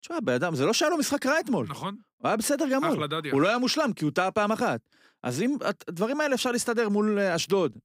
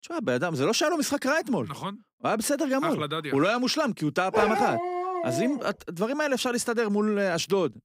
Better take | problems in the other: first | dog barking; loud; from 4.5 to 5.5 s; peak 2 dB above the speech

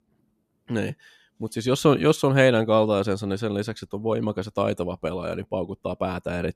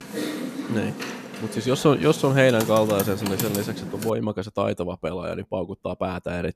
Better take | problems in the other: first | keyboard typing; noticeable; until 4 s; peak 4 dB below the speech

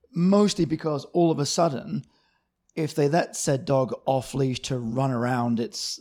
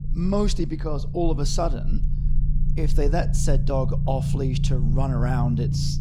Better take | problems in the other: first | low rumble; loud; throughout; 9 dB below the speech

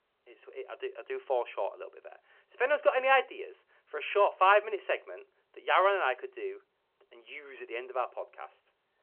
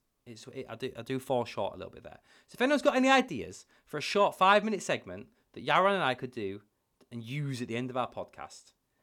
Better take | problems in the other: second | phone-call audio; nothing above 2.5 kHz

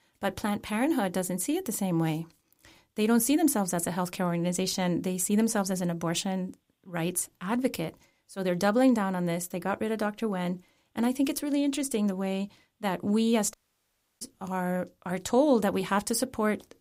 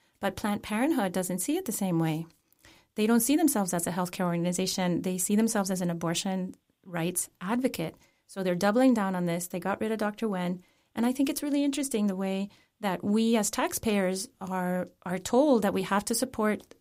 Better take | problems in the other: second | audio cutting out; at 14 s for 0.5 s

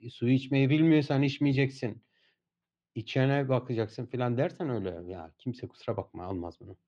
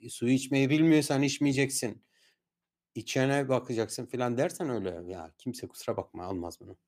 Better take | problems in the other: second | muffled; slightly; fading above 4 kHz

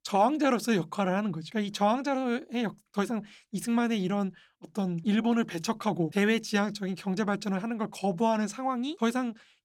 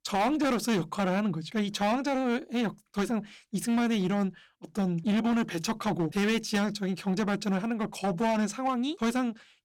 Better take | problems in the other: first | distortion; slight; 11% of the sound clipped

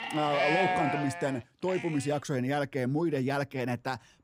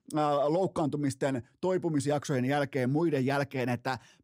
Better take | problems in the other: second | animal sounds; loud; throughout; 1 dB below the speech

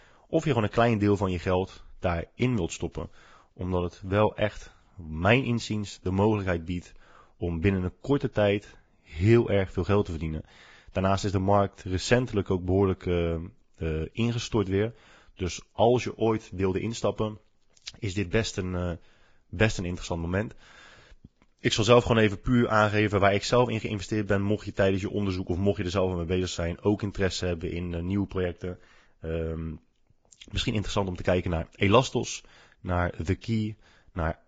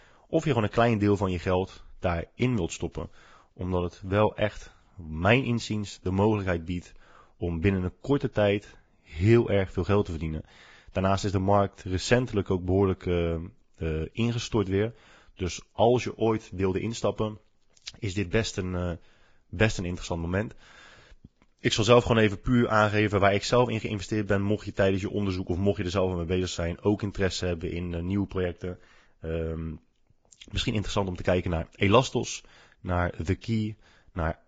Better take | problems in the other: neither | garbled, watery; badly; nothing above 7.5 kHz; the same in both

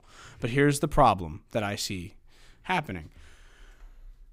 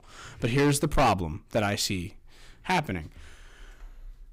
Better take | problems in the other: first | distortion; heavy; 5% of the sound clipped

